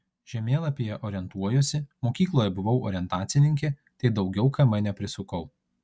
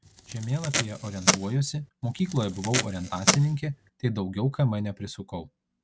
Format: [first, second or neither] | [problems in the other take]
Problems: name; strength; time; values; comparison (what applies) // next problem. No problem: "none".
first | background sound (Packing tape, duct tape); 1 dB below the speech